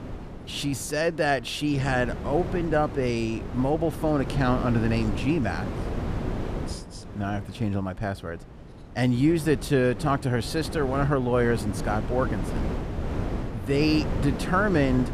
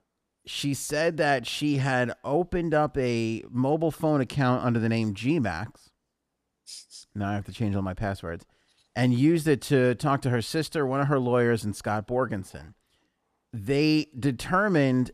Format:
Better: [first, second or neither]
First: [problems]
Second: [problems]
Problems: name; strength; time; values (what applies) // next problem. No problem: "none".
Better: second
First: wind noise on the microphone; occasional gusts; 10 dB below the speech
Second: none